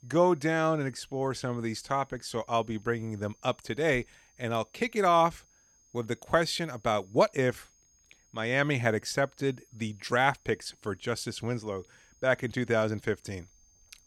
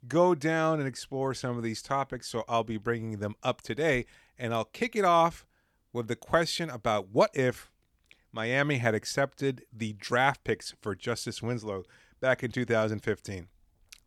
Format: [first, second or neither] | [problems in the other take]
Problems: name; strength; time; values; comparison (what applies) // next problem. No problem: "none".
second | high-pitched whine; faint; throughout; 6.5 kHz, 35 dB below the speech